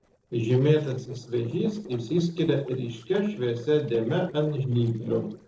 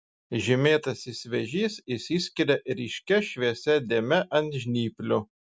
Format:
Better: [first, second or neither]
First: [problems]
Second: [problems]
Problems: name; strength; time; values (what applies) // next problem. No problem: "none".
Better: second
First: noise reduction (neural separator model SepFormer DNS4)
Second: none